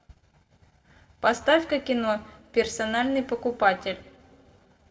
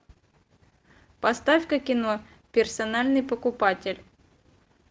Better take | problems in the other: second | room echo; dies away in 1 s

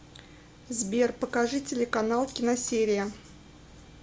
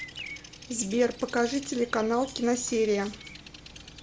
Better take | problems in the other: first | background sound (Bird vocalization, bird call, bird song); 17 dB below the speech

